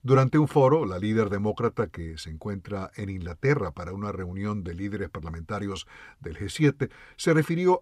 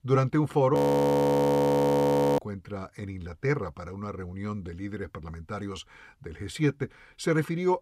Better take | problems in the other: first | audio freezing; at 1 s for 1.5 s

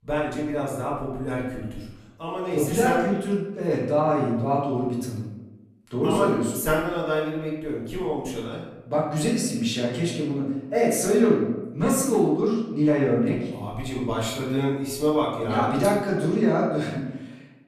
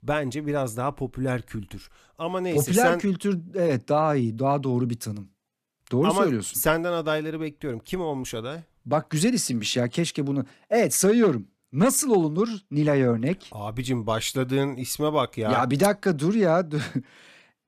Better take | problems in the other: second | room echo; noticeable; dies away in 0.9 s // off-mic speech; far

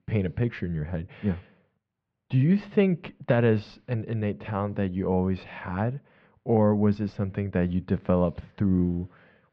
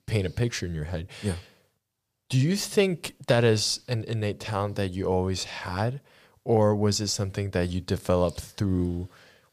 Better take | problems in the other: second | muffled; very; fading above 2.5 kHz

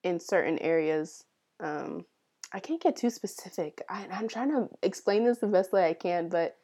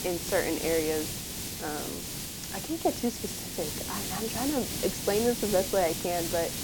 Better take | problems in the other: first | hiss; loud; throughout; 2 dB below the speech

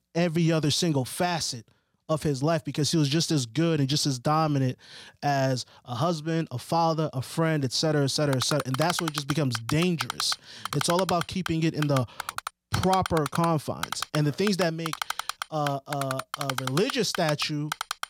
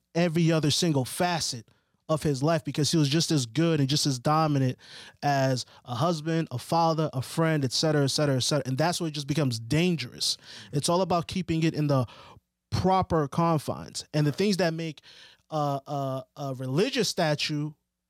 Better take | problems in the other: second | keyboard typing; noticeable; from 8.5 s on; peak 5 dB below the speech

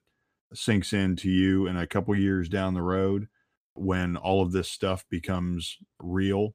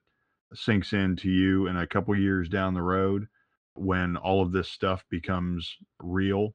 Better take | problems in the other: first | muffled; very slightly; fading above 4.5 kHz

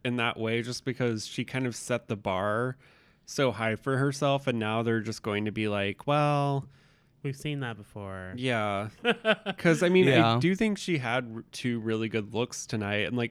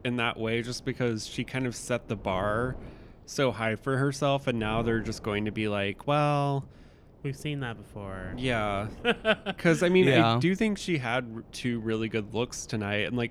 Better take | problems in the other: first | wind noise on the microphone; occasional gusts; 25 dB below the speech

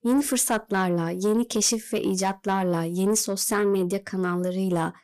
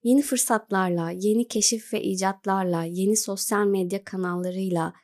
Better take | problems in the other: second | distortion; slight; 10 dB below the speech

